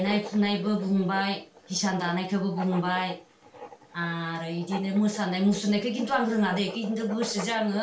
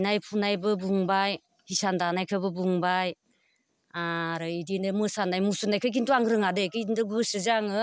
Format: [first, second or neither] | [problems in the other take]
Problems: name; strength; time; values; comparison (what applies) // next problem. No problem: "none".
second | background sound (Writing); 15 dB below the speech // room echo; dies away in 0.3 s